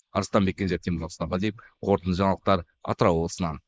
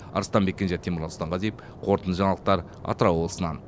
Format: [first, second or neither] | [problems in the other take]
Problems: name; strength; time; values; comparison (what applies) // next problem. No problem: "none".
second | noise reduction (neural mask model Resemble Enhance denoiser)